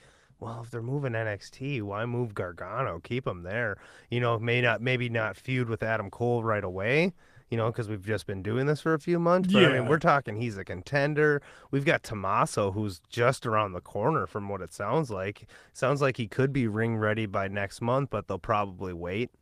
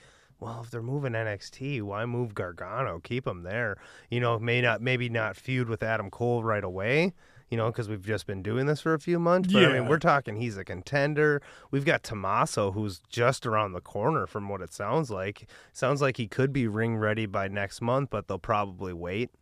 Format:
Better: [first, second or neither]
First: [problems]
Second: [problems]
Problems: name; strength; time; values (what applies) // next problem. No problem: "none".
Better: second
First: garbled, watery; slightly; nothing above 14.5 kHz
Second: none